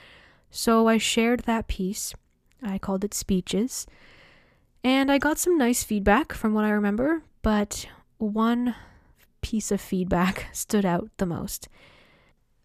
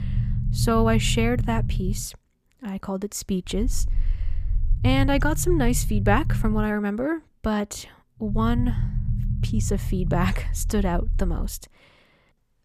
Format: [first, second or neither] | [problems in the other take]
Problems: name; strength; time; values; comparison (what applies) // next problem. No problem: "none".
first | low rumble; noticeable; until 2 s, from 3.5 to 6.5 s and from 8.5 to 11 s; 15 dB below the speech